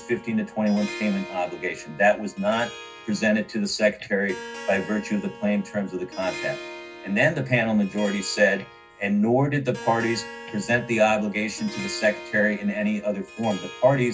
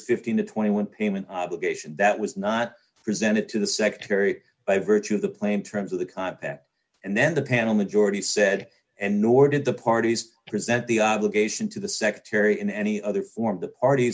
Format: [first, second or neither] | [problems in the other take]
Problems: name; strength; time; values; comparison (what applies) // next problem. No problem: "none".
second | background sound (Harp); 15 dB below the speech // room echo; dies away in 0.4 s